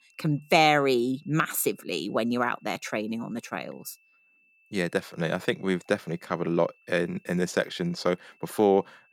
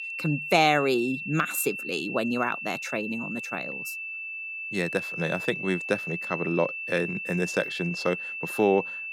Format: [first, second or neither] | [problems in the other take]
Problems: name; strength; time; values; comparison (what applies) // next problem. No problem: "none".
first | high-pitched whine; loud; throughout; 2.5 kHz, 5 dB below the speech; faint in the first